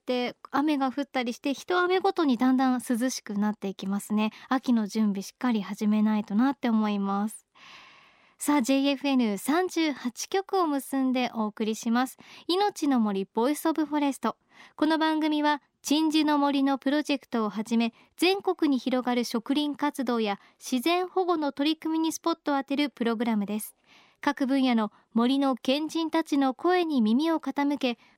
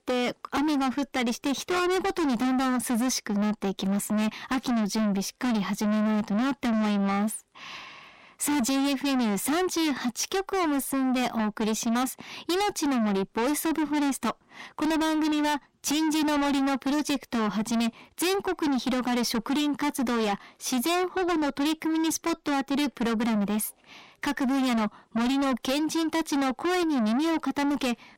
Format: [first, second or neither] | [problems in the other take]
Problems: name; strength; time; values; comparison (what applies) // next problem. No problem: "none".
first | distortion; heavy; 6 dB below the speech